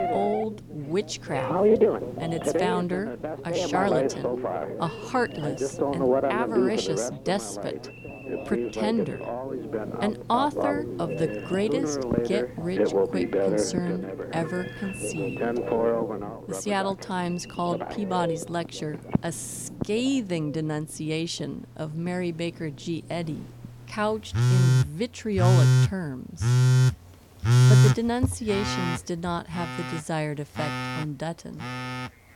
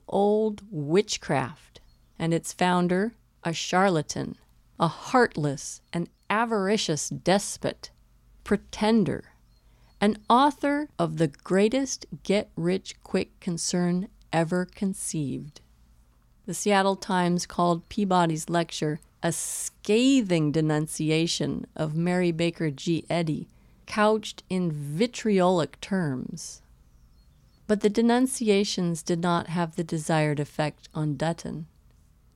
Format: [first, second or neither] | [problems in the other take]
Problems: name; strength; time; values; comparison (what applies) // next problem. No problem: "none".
second | alarms or sirens; very loud; throughout; 4 dB above the speech